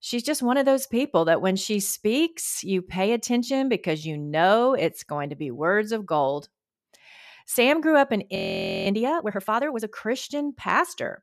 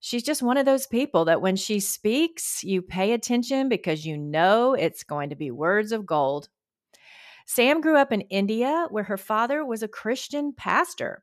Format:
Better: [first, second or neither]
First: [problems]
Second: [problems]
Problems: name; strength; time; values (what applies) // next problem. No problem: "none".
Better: second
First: audio freezing; at 8.5 s for 0.5 s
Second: none